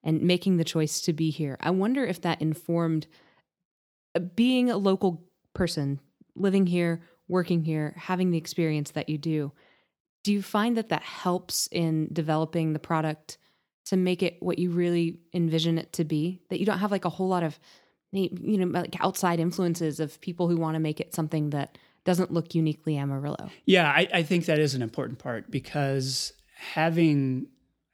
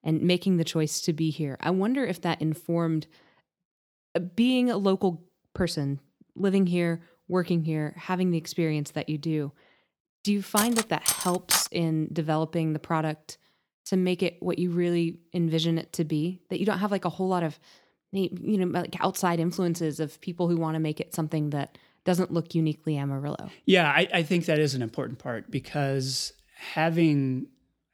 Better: first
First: none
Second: clattering dishes; loud; from 11 to 12 s; peak 2 dB above the speech

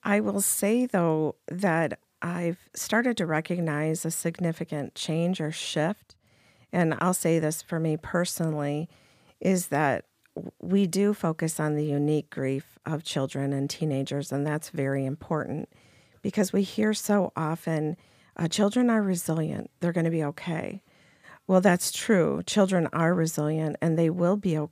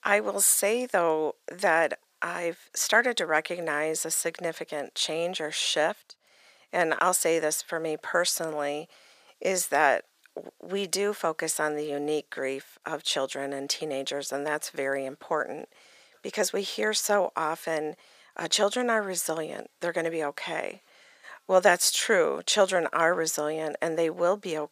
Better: first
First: none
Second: thin; very; fading below 550 Hz

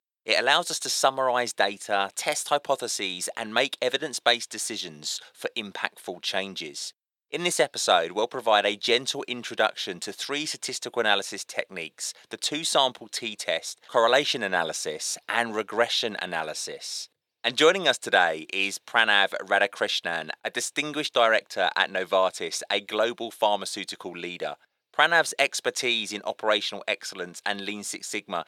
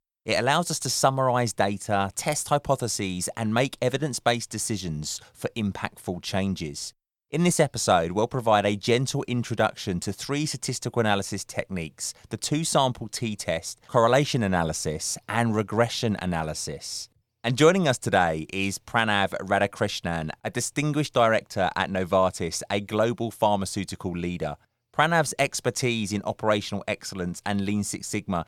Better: second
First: thin; somewhat; fading below 400 Hz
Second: none

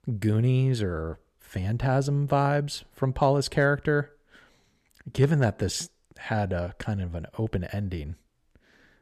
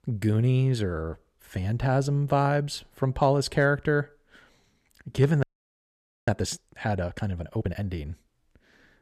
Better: first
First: none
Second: audio freezing; at 5.5 s for 1 s

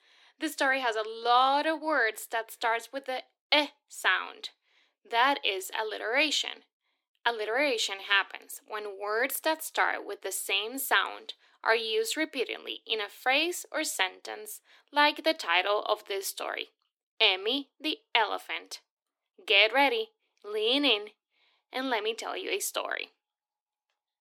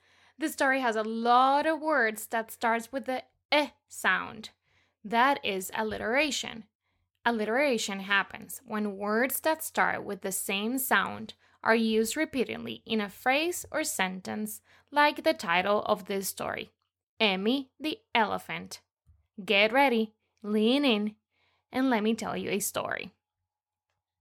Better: second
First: thin; somewhat; fading below 300 Hz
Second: none

